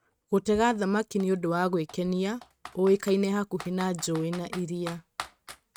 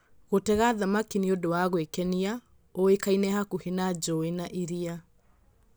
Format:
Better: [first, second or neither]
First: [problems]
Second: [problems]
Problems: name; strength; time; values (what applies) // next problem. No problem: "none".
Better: second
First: noise reduction (neural mask model RNNoise)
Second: none